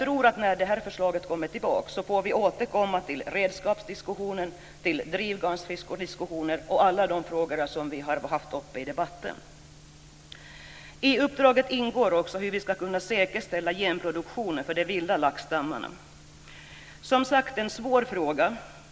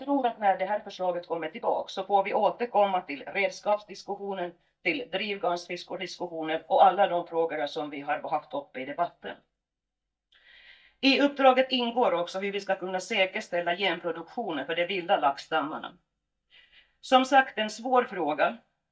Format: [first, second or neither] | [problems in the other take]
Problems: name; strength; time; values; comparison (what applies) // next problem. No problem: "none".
first | noise reduction (neural mask model DeepFilterNet 3)